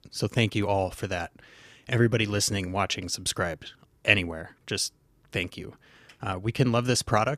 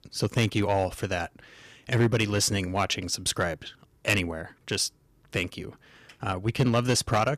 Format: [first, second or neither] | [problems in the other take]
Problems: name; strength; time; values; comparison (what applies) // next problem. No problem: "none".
first | distortion; slight; 2% of the sound clipped